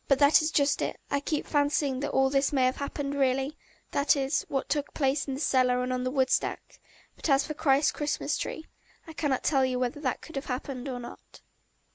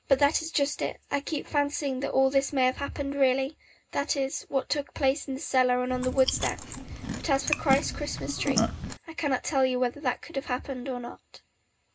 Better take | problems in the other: first | background sound (Chewing, mastication); 3 dB below the speech // room echo; dies away in 0.2 s

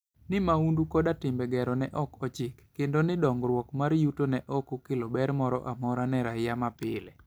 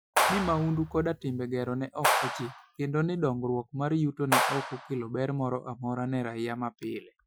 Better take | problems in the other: first | noise reduction (classical method Wiener filter)

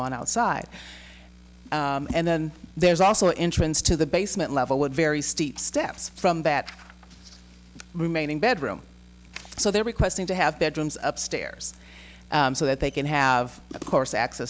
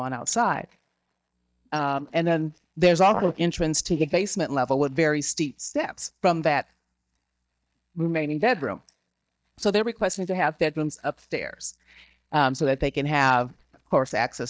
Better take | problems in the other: first | noise reduction (neural mask model DeepFilterNet 3)

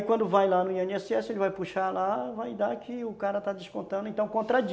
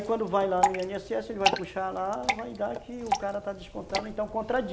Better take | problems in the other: first | background sound (Drip / Water); 2 dB below the speech

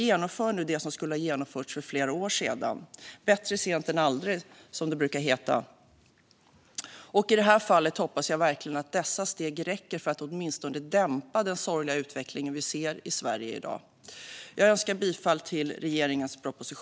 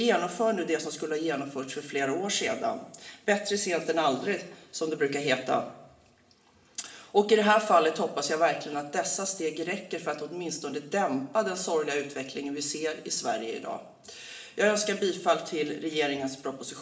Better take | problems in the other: first | room echo; dies away in 0.8 s

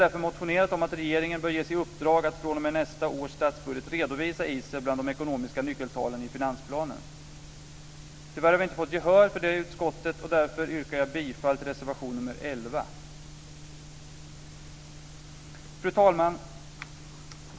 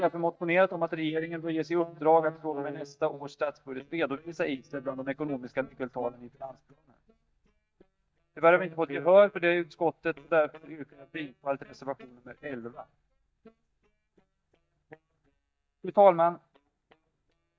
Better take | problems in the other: first | noise reduction (neural mask model DeepFilterNet 3)

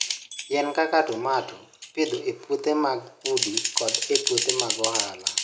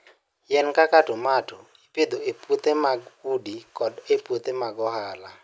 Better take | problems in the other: second | background sound (Typing); 3 dB below the speech // room echo; dies away in 0.3 s

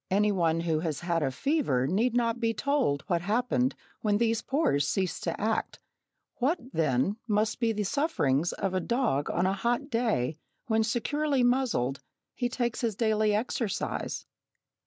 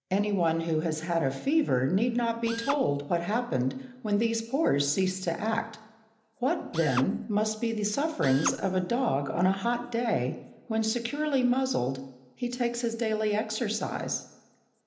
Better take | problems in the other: first | background sound (Drill); 10 dB below the speech // room echo; dies away in 0.8 s

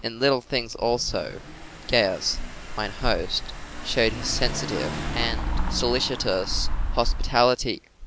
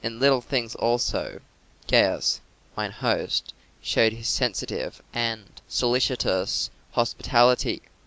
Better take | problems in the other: second | background sound (Engine / Car); 3 dB below the speech

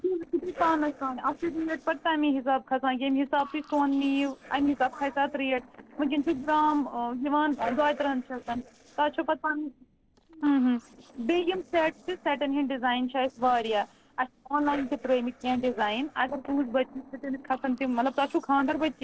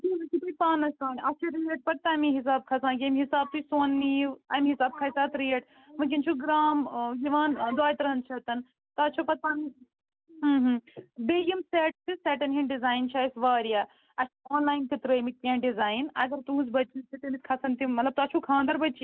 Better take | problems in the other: second | noise reduction (neural separator model SepFormer DNS4)

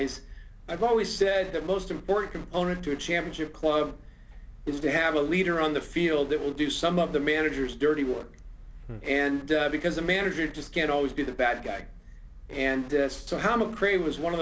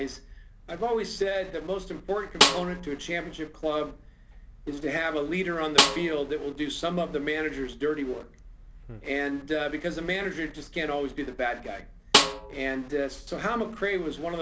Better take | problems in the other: first | background sound (Snare drum); 4 dB above the speech

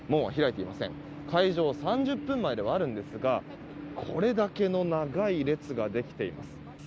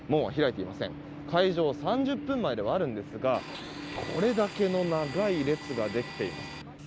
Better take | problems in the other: first | background sound (Domestic sounds, home sounds); 13 dB below the speech

